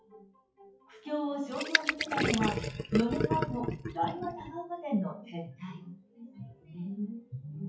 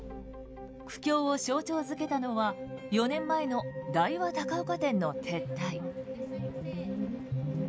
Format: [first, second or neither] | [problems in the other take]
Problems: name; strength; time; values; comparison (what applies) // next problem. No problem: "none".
second | noise reduction (classical method WPE with log-MMSE)